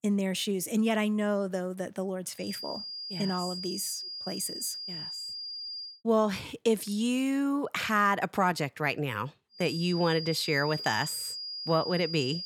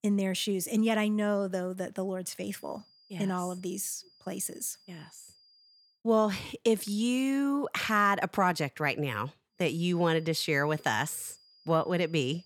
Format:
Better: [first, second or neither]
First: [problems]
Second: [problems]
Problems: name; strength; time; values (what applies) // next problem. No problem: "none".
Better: second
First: high-pitched whine; loud; from 2.5 to 6 s and from 9.5 s on; 5 kHz, 6 dB below the speech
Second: high-pitched whine; faint; from 2.5 to 6 s and from 9.5 s on; 5 kHz, 30 dB below the speech